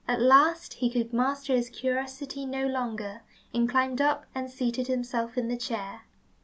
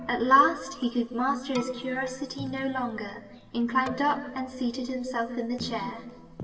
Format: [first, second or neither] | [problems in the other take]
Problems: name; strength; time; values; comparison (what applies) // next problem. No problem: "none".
first | background sound (Keyboard (musical)); 14 dB below the speech // room echo; dies away in 1.4 s